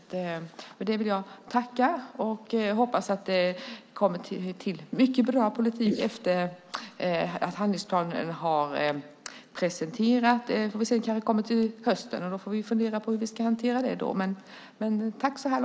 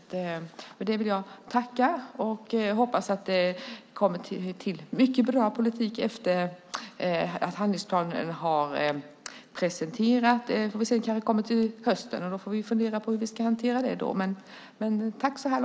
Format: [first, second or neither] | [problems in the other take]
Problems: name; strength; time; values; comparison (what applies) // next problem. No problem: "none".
second | noise reduction (neural mask model Resemble Enhance denoiser)